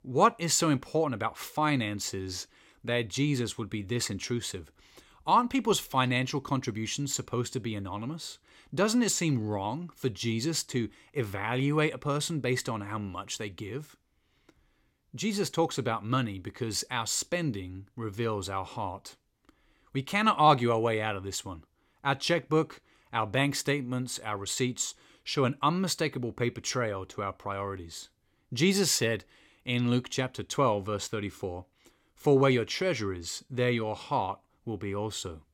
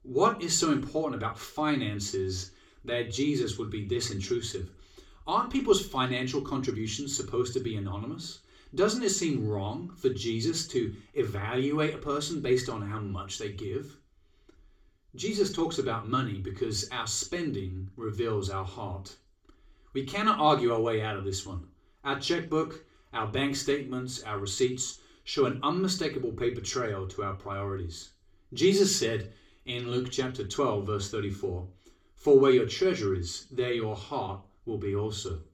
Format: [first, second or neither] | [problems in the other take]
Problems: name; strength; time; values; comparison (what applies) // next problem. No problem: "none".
first | room echo; slight; dies away in 0.3 s // off-mic speech; far